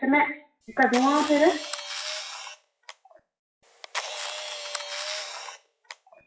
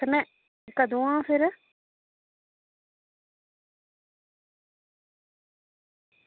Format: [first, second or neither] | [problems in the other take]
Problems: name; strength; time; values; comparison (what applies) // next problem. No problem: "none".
second | noise reduction (classical method WPE with log-MMSE)